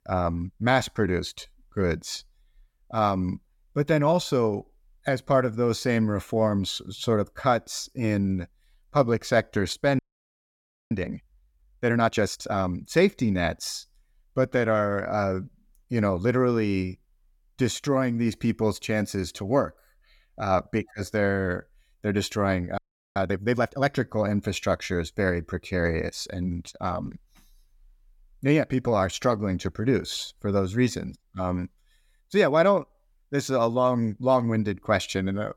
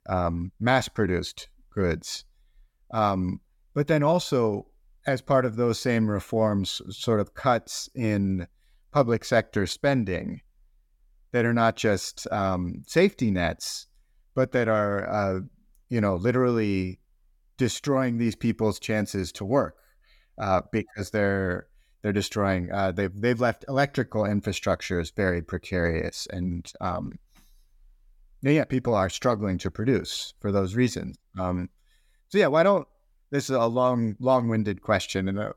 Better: second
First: audio freezing; at 10 s for 1 s and at 23 s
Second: none

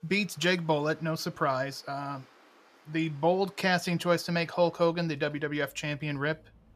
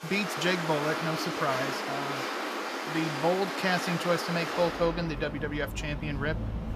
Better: first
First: rain or running water; faint; throughout; 30 dB below the speech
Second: rain or running water; loud; throughout; 3 dB below the speech

